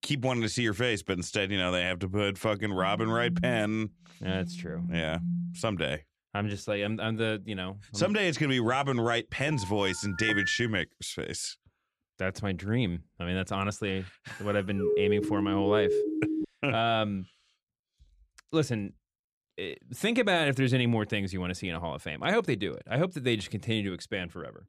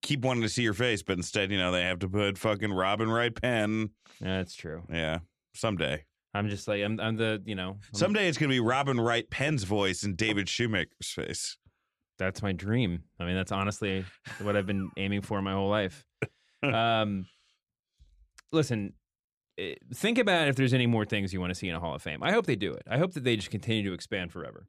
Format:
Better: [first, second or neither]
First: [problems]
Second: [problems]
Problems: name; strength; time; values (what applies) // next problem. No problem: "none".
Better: second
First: phone ringing; noticeable; from 3 to 5.5 s; peak 3 dB below the speech // phone ringing; loud; from 9.5 to 11 s; peak 1 dB above the speech // siren; loud; from 15 to 16 s; peak 3 dB above the speech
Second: none